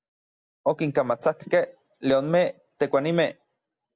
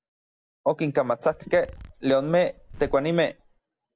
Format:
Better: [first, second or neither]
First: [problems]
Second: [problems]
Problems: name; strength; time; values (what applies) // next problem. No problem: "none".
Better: first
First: none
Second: background sound (Zipper (clothing)); 19 dB below the speech